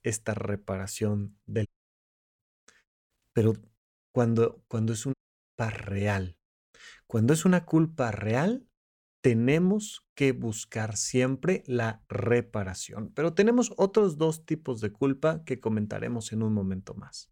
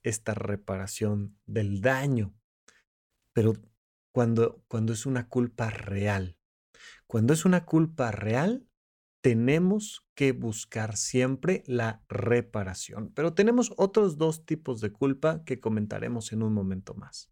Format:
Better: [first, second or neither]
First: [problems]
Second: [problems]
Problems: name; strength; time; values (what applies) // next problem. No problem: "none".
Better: second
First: audio cutting out; at 1.5 s for 0.5 s and at 5 s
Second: none